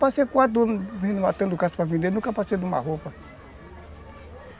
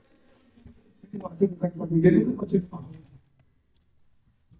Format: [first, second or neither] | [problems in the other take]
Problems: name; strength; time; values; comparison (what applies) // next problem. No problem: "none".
first | noise reduction (neural mask model DeepFilterNet 3)